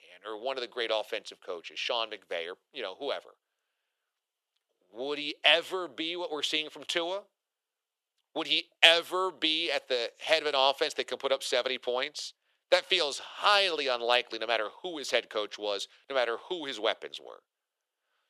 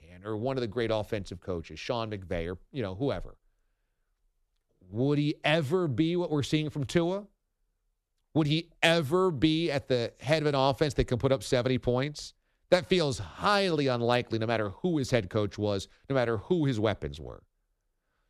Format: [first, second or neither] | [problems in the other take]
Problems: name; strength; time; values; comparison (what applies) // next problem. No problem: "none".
second | thin; very; fading below 500 Hz